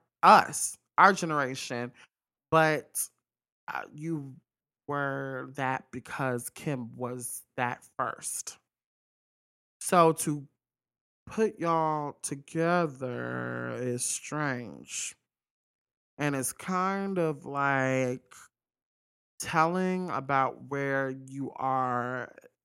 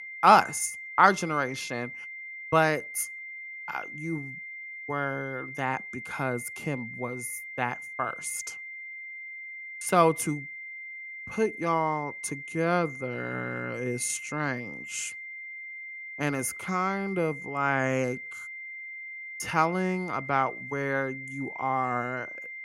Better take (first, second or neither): first